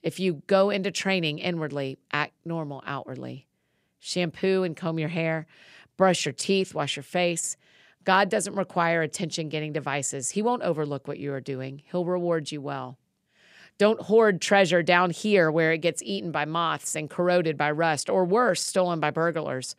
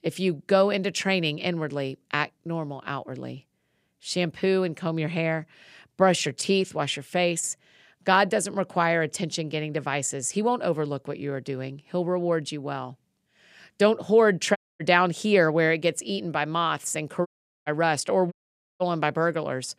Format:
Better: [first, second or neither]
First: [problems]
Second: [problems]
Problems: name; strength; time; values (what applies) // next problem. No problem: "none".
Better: first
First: none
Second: audio cutting out; at 15 s, at 17 s and at 18 s